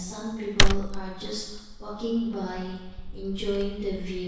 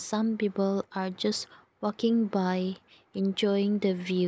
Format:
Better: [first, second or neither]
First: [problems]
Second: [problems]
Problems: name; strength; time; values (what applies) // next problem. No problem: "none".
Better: second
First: background sound (Tearing / Wood); 5 dB above the speech // room echo; dies away in 1.1 s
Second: none